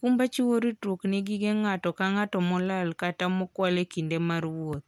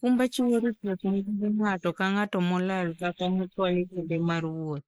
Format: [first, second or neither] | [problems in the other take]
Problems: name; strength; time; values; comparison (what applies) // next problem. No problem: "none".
first | noise reduction (neural mask model Resemble Enhance denoiser)